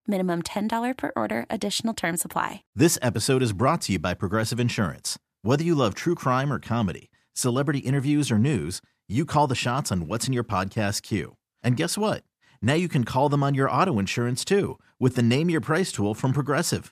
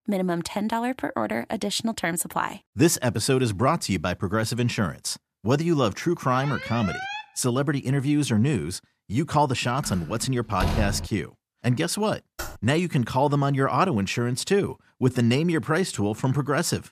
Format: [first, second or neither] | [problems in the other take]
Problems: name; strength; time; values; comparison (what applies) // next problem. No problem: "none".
first | alarm; noticeable; at 6.5 s; peak 7 dB below the speech // door banging; noticeable; from 10 to 11 s; peak 2 dB below the speech // keyboard typing; faint; at 12 s; peak 10 dB below the speech